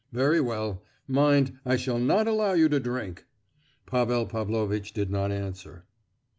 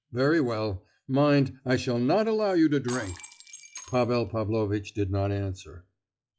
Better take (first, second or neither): first